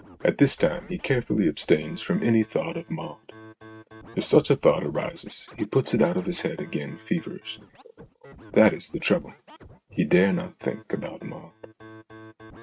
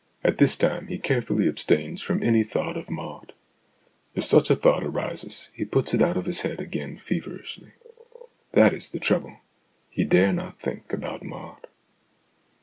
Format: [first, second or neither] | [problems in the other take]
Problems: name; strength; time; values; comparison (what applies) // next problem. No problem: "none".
second | noise reduction (neural mask model RNNoise)